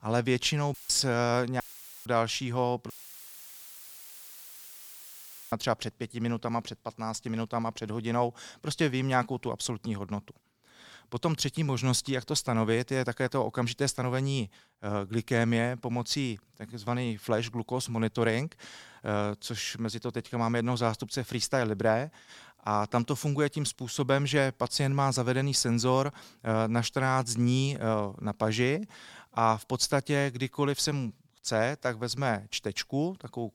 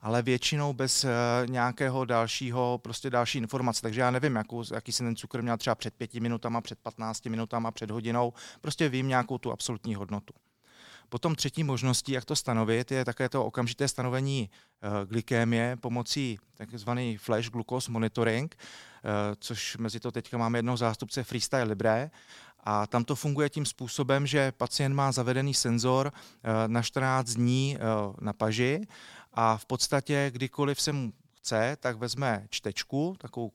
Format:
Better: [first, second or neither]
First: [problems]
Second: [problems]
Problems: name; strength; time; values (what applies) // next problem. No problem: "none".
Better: second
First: audio cutting out; filled with static; at 0.5 s, at 1.5 s and at 3 s for 2.5 s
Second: none